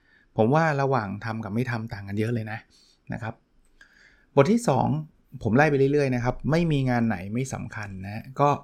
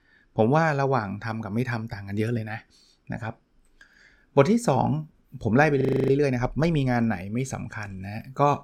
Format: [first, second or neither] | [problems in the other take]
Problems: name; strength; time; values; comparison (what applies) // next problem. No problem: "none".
first | audio freezing; at 6 s